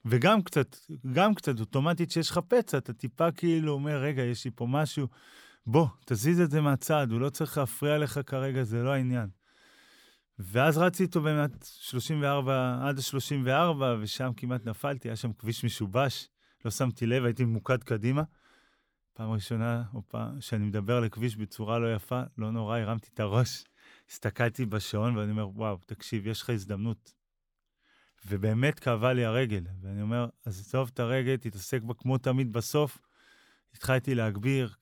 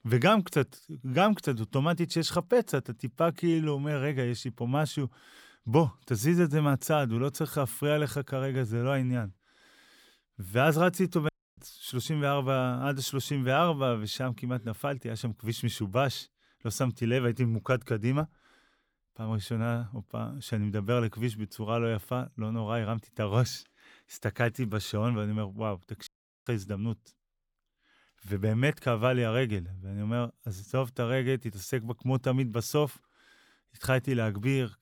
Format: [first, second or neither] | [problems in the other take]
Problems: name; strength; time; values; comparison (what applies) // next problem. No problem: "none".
first | audio cutting out; at 11 s and at 26 s